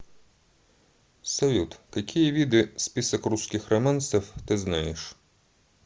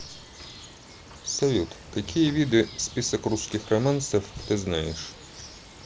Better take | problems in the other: first | background sound (Bird); 16 dB below the speech

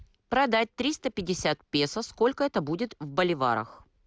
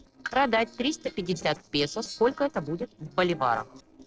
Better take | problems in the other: first | noise reduction (neural separator model SepFormer DNS4)

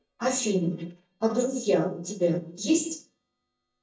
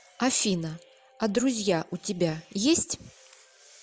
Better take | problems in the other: second | noise reduction (neural mask model DeepFilterNet 3)

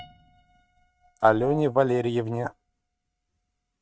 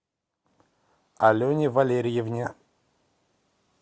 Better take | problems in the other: second | noise reduction (neural mask model RNNoise)

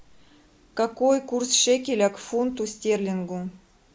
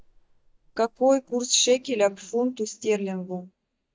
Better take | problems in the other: first | noise reduction (neural mask model DeepFilterNet 3)

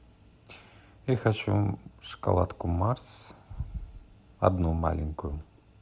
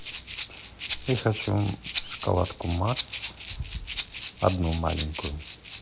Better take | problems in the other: first | background sound (Rattle (instrument)); 9 dB below the speech

